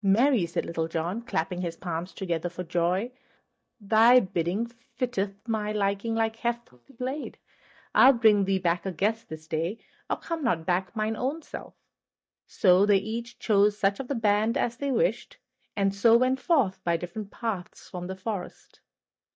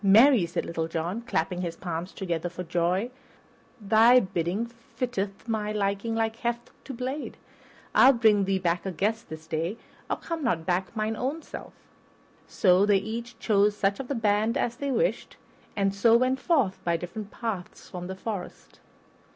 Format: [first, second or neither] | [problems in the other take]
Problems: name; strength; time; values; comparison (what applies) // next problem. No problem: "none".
second | noise reduction (neural mask model DeepFilterNet 3)